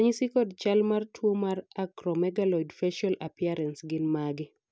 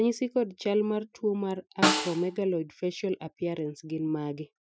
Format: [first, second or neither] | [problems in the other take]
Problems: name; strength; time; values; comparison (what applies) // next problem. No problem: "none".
first | noise reduction (classical method Wiener filter)